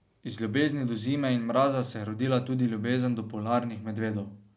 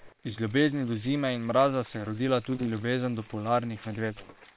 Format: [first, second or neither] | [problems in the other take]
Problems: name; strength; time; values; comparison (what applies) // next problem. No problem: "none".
first | noise reduction (neural separator model SepFormer WHAM!)